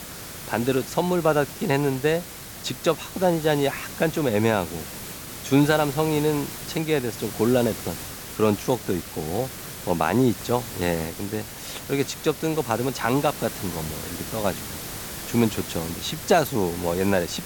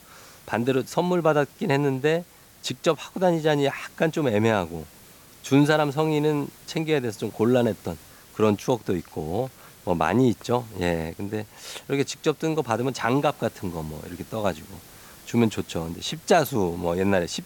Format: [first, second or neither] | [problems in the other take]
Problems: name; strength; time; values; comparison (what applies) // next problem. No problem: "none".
second | hiss; loud; throughout; 10 dB below the speech; faint in the second